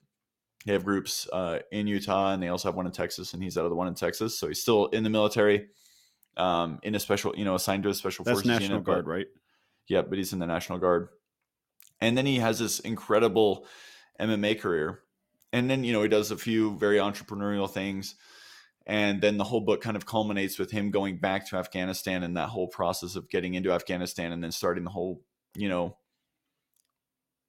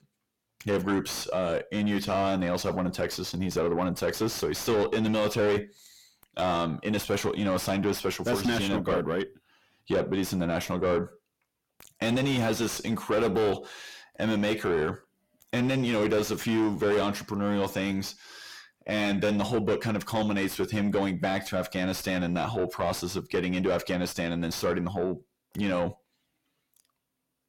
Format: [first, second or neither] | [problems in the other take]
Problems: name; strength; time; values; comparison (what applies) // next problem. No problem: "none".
first | distortion; heavy; 7 dB below the speech